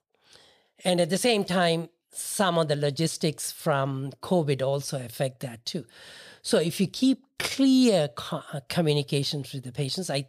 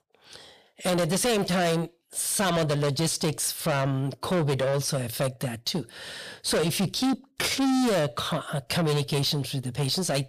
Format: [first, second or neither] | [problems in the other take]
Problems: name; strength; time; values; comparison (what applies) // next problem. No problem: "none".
first | distortion; heavy; 6 dB below the speech